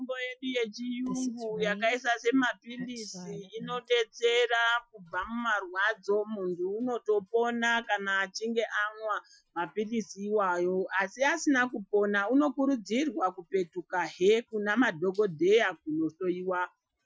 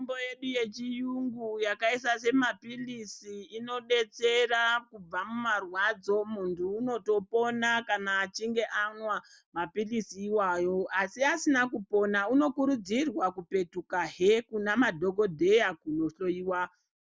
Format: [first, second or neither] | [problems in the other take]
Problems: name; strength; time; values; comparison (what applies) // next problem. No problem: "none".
second | noise reduction (classical method Wiener filter)